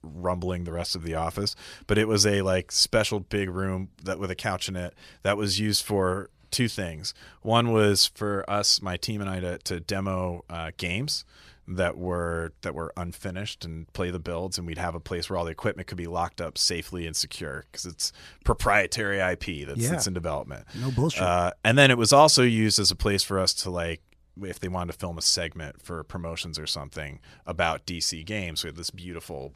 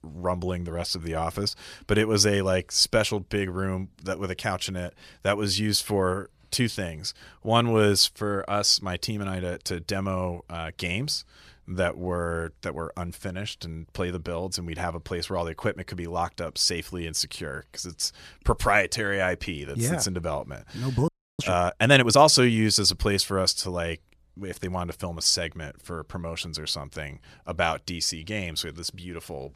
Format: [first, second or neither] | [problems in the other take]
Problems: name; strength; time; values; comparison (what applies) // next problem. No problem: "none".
first | audio freezing; at 21 s